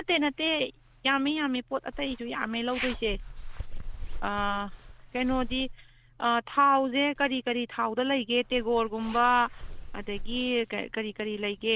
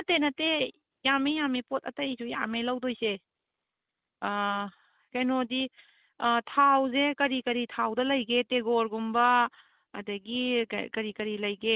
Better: second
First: background sound (Zipper (clothing)); 10 dB below the speech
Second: none

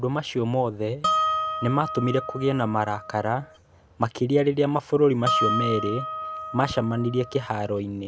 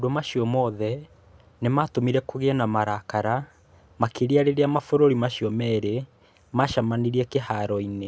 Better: second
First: background sound (Harp); 4 dB below the speech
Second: none

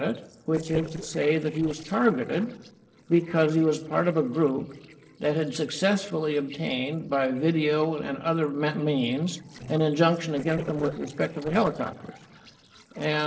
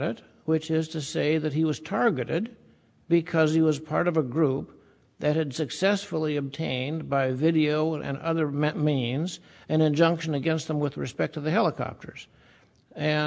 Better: second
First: noise reduction (neural separator model SepFormer DNS4)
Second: none

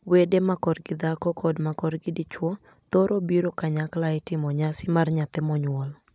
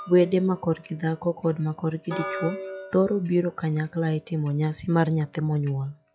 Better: first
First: none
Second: noise reduction (classical method log-MMSE)

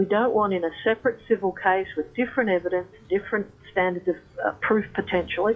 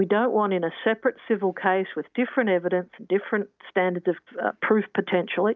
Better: second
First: noise reduction (classical method WPE with log-MMSE)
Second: none

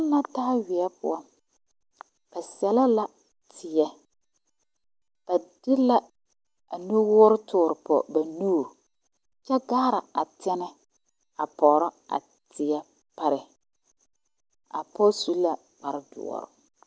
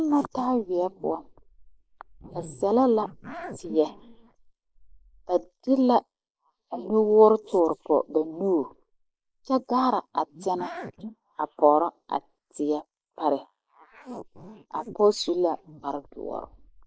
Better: first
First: none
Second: noise reduction (neural mask model Resemble Enhance denoiser)

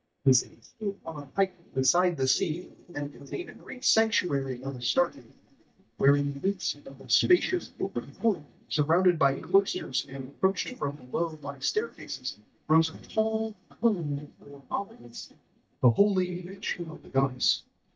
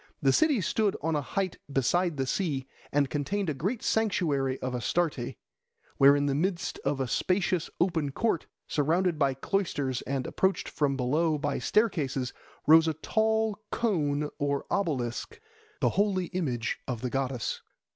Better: second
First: noise reduction (neural mask model DeepFilterNet 3)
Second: none

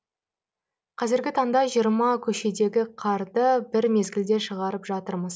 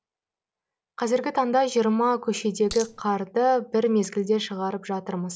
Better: first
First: none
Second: background sound (Coin (dropping)); 12 dB below the speech

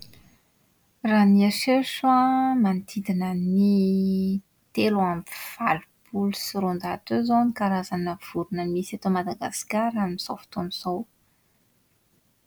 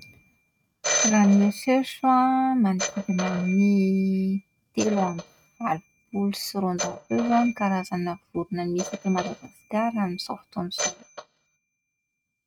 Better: first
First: none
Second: noise reduction (neural mask model RNNoise)

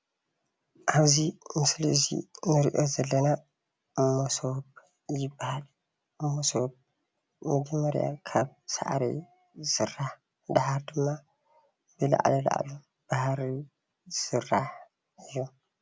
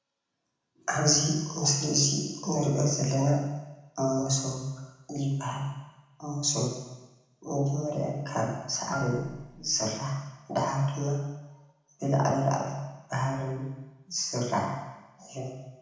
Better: first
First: none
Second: background sound (Marimba, xylophone); 16 dB below the speech // room echo; dies away in 1 s

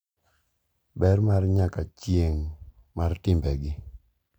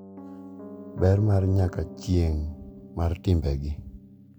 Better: first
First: none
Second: background sound (Piano); 16 dB below the speech

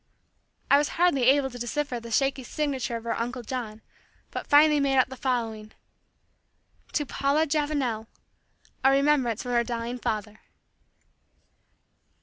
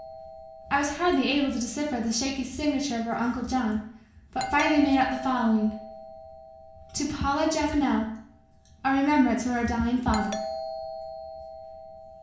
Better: first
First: none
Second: background sound (Doorbell); 13 dB below the speech // room echo; dies away in 0.6 s

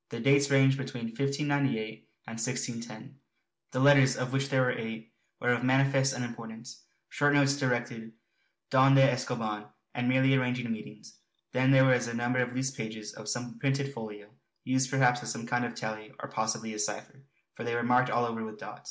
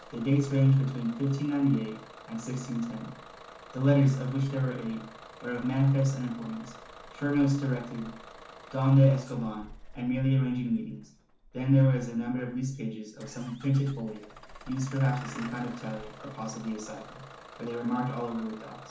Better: first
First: none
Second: background sound (Engine starting / Bus); 19 dB below the speech // room echo; dies away in 0.9 s

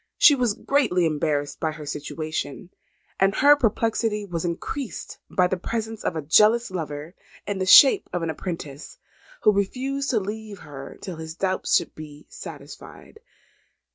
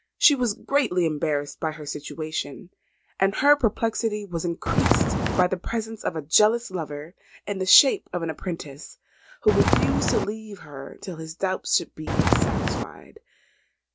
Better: first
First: none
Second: background sound (Walk, footsteps); 4 dB above the speech

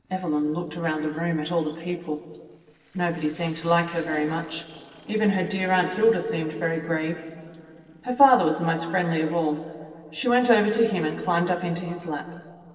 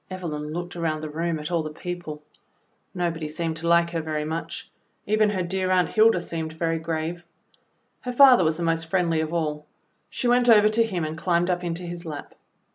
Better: second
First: noise reduction (neural separator model SepFormer DNS4)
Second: none

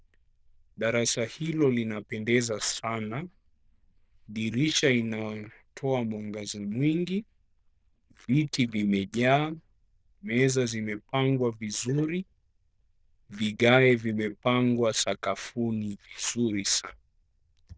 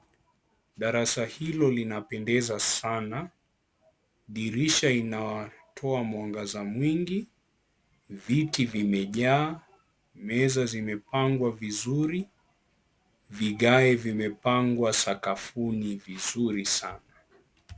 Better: second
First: noise reduction (neural diffusion model UNIVERSE++)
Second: none

